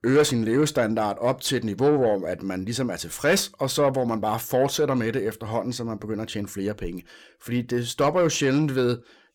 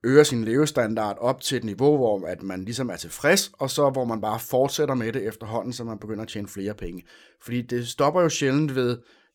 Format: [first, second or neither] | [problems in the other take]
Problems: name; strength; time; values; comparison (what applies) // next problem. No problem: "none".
second | distortion; slight; 10 dB below the speech